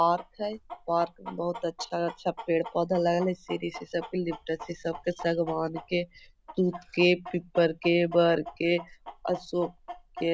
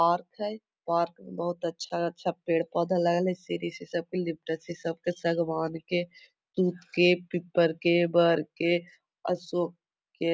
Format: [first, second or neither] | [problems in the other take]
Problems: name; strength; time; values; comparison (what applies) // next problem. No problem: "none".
second | background sound (Chicken, rooster); 16 dB below the speech